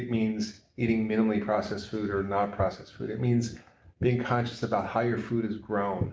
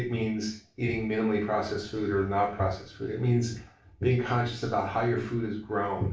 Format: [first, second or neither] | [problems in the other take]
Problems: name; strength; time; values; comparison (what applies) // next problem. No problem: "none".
first | room echo; dies away in 0.2 s